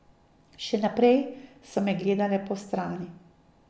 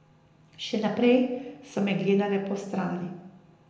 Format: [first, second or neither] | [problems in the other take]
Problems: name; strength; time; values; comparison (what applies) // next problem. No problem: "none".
first | room echo; dies away in 0.8 s